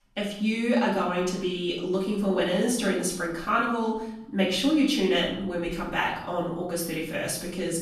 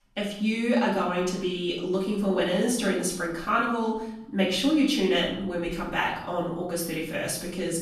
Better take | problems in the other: neither | off-mic speech; far; the same in both // room echo; noticeable; dies away in 0.7 s; the same in both

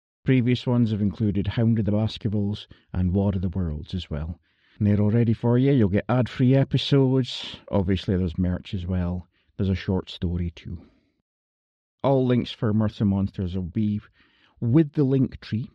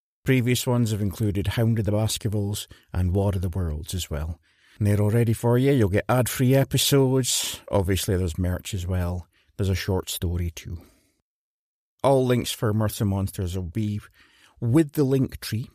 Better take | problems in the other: second | muffled; slightly; fading above 4 kHz

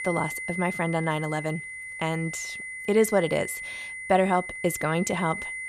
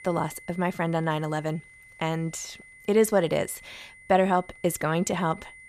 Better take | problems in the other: second | high-pitched whine; loud; throughout; 2 kHz, 7 dB below the speech; faint in the second

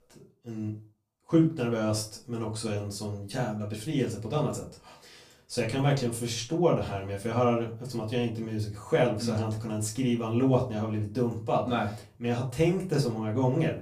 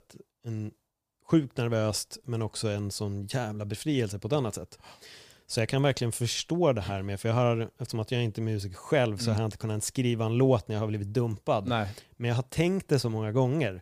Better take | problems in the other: second | off-mic speech; far // room echo; very slight; dies away in 0.3 s

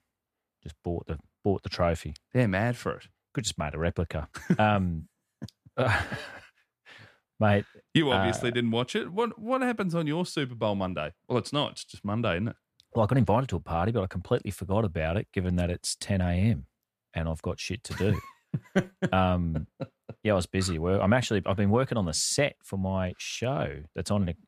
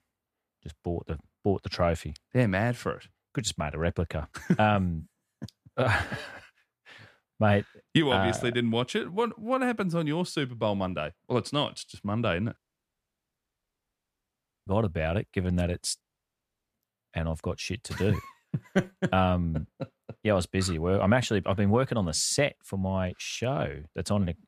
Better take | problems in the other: first | audio cutting out; at 13 s for 2 s and at 16 s for 0.5 s

